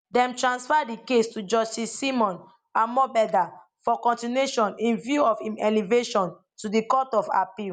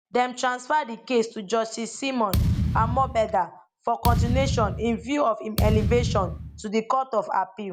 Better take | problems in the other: first | background sound (Thump, thud); as loud as the speech

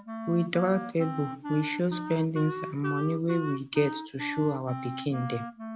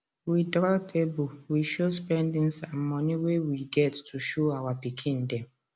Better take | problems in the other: second | background sound (Wind instrument, woodwind instrument); 8 dB below the speech

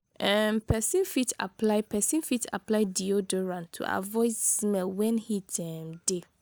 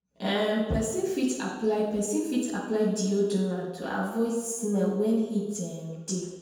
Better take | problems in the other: first | room echo; dies away in 1.1 s

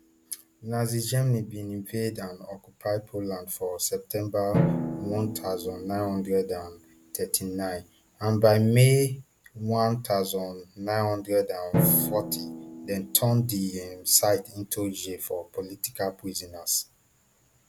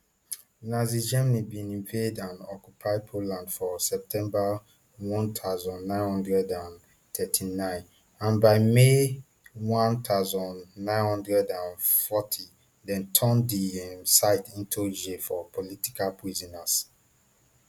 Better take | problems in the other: second | background sound (Drum); 9 dB below the speech

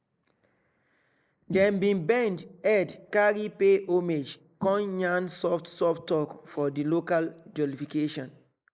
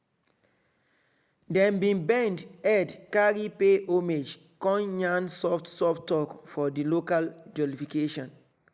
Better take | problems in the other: second | noise reduction (neural mask model Resemble Enhance denoiser)

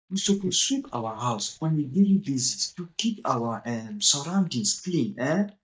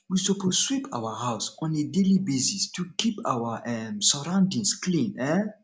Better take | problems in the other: second | noise reduction (neural mask model DeepFilterNet 3)

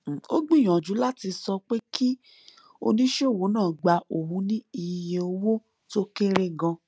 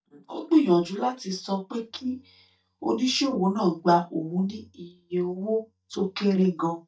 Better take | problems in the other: first | noise reduction (neural mask model DeepFilterNet 3)

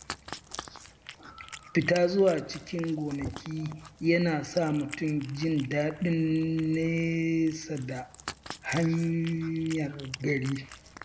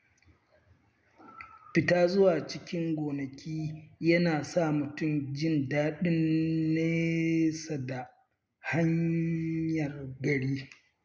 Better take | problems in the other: second | background sound (Cat); 16 dB below the speech

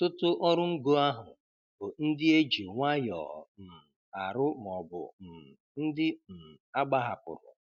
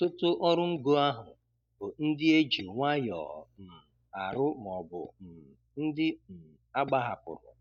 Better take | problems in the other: first | noise reduction (neural mask model DeepFilterNet 3)

